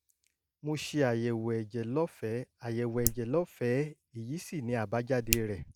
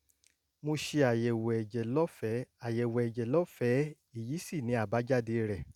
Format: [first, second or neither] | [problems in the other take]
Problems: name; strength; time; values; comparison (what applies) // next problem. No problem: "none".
second | noise reduction (neural mask model Resemble Enhance denoiser)